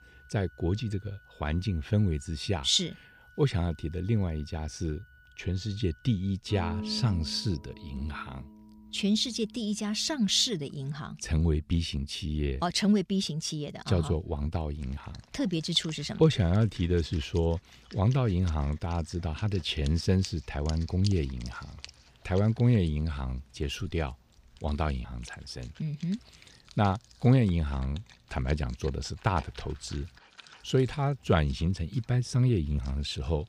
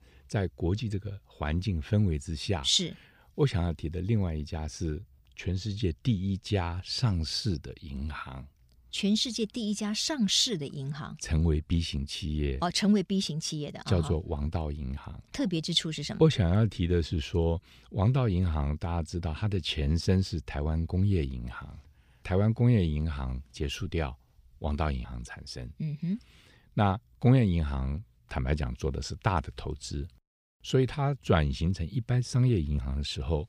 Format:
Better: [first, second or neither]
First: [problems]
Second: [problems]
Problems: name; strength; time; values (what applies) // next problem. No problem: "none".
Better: second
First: background music; noticeable; throughout; 20 dB below the speech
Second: none